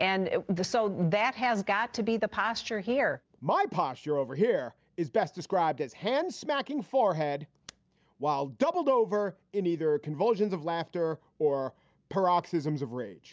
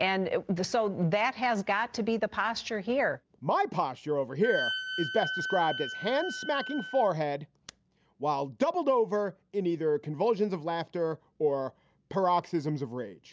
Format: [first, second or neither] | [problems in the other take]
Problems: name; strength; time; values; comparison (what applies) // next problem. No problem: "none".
first | background sound (Wind instrument, woodwind instrument); 6 dB below the speech